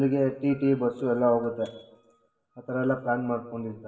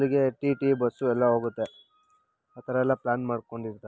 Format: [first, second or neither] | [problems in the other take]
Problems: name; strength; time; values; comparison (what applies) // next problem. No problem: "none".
second | room echo; dies away in 0.8 s